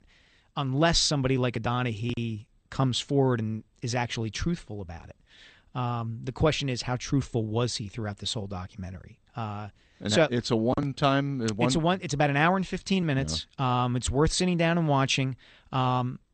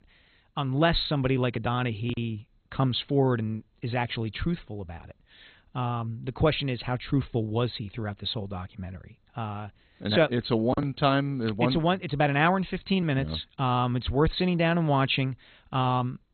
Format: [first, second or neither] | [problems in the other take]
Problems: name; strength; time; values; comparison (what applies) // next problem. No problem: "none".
first | garbled, watery; badly; nothing above 4 kHz; slightly in the first